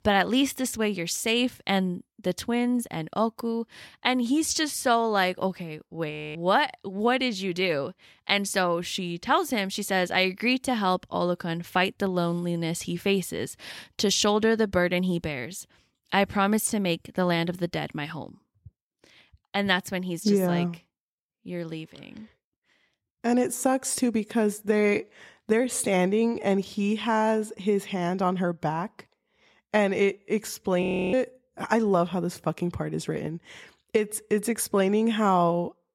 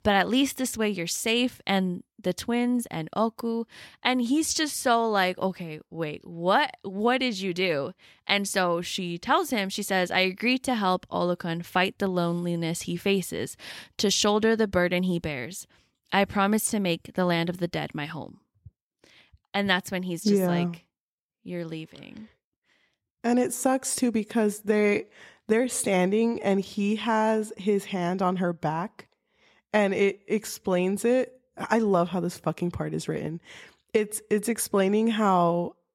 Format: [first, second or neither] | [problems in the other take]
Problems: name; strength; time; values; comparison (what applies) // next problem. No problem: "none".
second | audio freezing; at 6 s and at 31 s